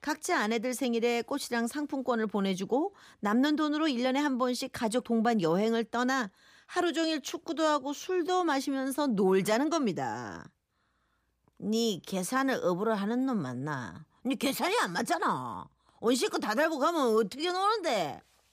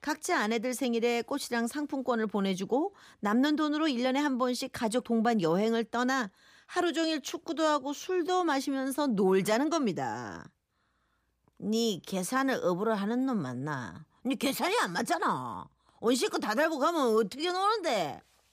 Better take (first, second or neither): neither